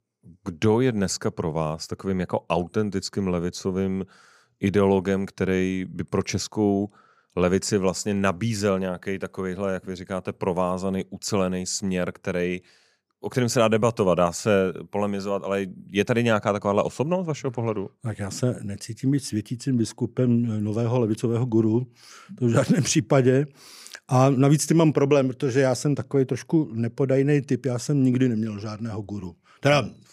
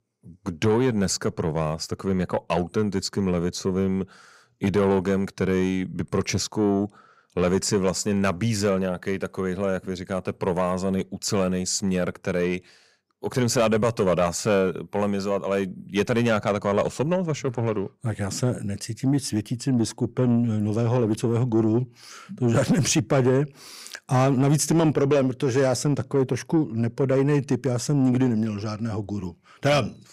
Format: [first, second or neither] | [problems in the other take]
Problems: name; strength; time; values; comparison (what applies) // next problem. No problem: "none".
first | distortion; slight; 10 dB below the speech